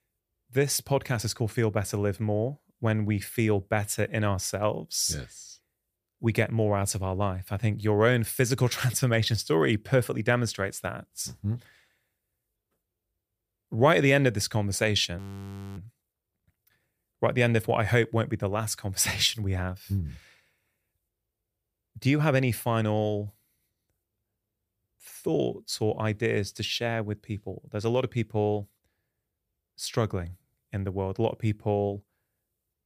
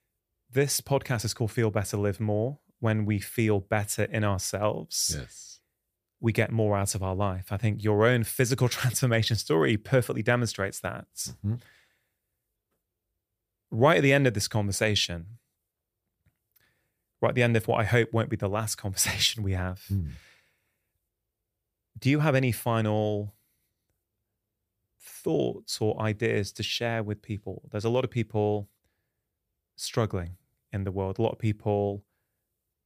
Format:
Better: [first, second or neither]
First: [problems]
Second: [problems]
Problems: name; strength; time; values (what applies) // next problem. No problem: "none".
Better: second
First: audio freezing; at 15 s for 0.5 s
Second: none